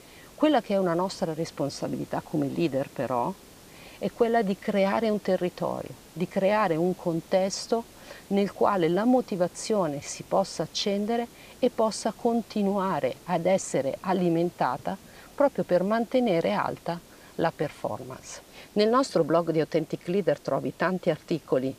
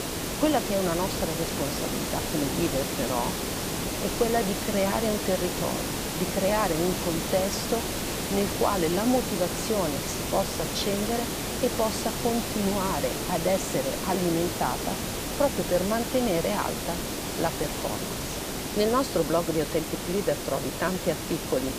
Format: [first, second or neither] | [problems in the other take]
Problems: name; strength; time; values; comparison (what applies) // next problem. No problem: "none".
first | hiss; loud; throughout; 2 dB below the speech; faint in the first